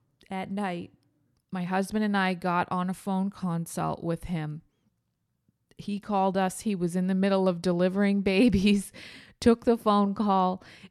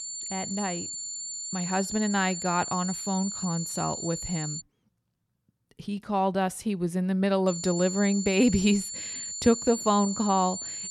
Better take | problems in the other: first | high-pitched whine; loud; until 4.5 s and from 7.5 s on; 7 kHz, 6 dB below the speech

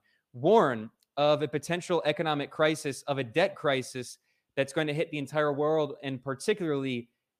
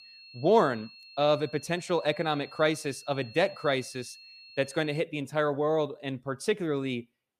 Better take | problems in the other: first | high-pitched whine; noticeable; until 5 s; 4.5 kHz, 20 dB below the speech

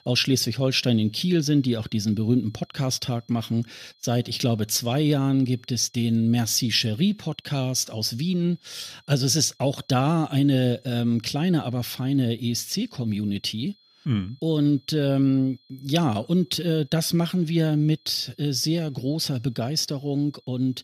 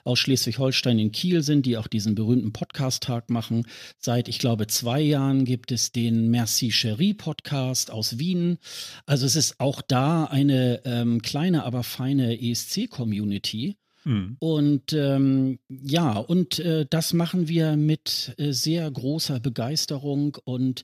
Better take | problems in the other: second | high-pitched whine; faint; throughout; 4 kHz, 35 dB below the speech

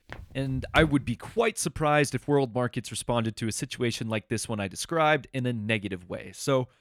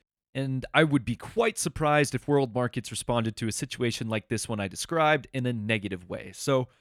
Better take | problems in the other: second | footsteps; noticeable; at the start; peak 8 dB below the speech

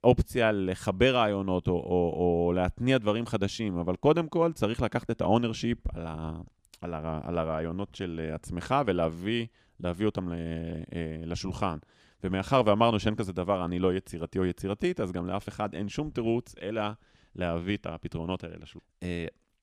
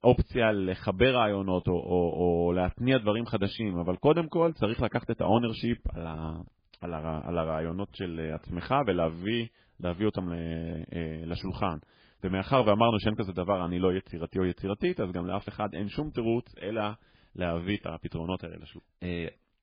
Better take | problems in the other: first | garbled, watery; badly

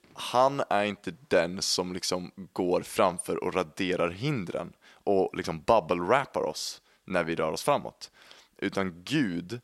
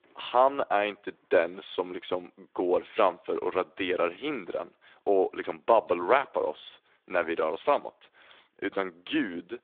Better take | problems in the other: first | phone-call audio

